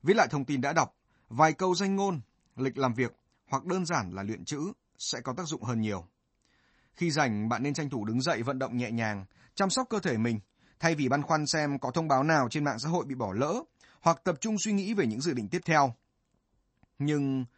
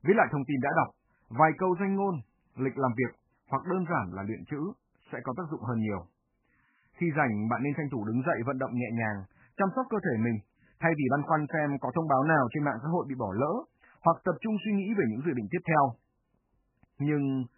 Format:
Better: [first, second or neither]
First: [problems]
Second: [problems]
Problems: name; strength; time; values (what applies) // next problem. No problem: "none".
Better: first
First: garbled, watery; slightly; nothing above 8 kHz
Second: garbled, watery; badly; nothing above 2.5 kHz